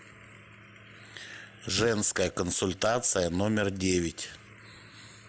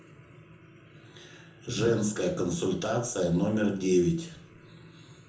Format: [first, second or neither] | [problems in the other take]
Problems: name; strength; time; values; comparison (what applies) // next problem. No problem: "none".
first | room echo; dies away in 0.6 s